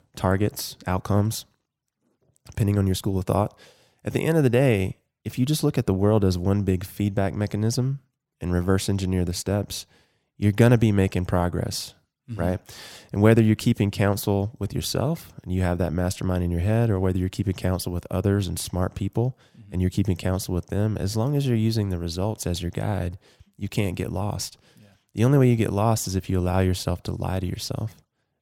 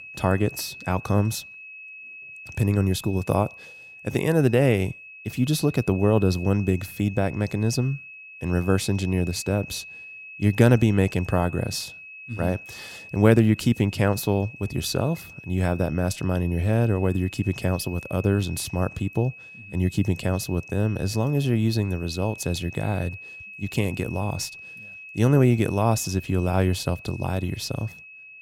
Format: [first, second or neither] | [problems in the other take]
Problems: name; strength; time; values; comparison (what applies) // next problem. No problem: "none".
first | high-pitched whine; noticeable; throughout; 2.5 kHz, 15 dB below the speech